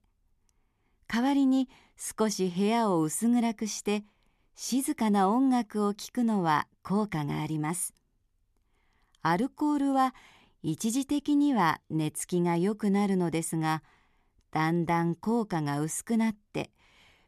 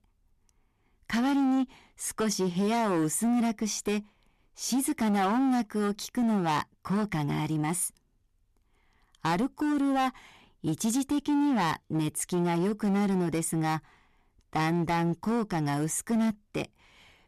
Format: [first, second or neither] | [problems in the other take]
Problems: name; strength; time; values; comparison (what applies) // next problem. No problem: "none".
first | distortion; slight; 15% of the sound clipped